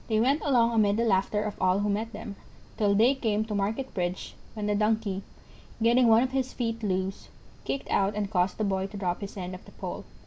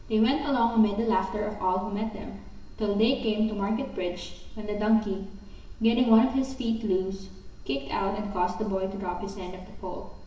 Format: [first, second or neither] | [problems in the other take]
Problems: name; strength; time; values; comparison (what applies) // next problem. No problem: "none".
first | room echo; dies away in 1 s